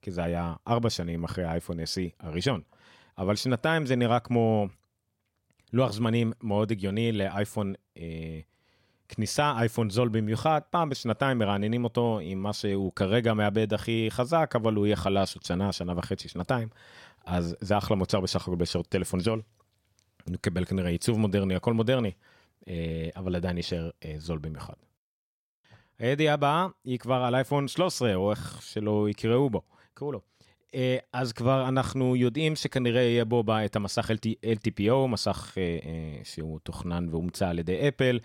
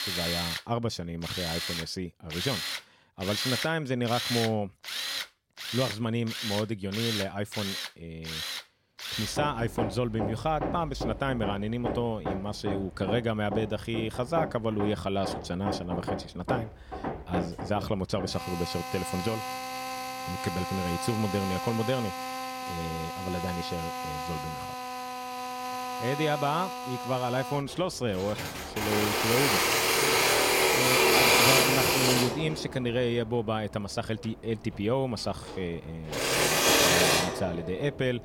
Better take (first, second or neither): first